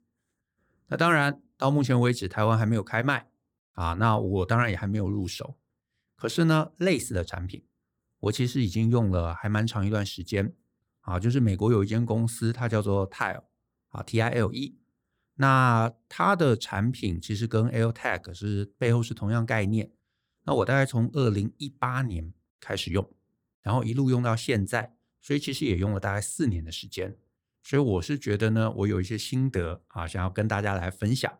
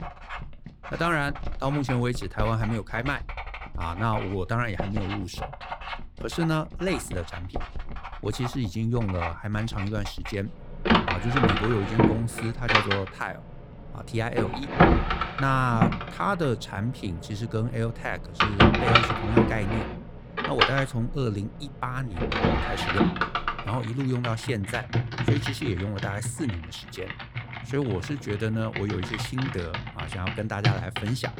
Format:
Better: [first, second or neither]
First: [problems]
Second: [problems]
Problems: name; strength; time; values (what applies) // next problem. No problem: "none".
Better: first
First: none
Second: household noises; very loud; throughout; 2 dB above the speech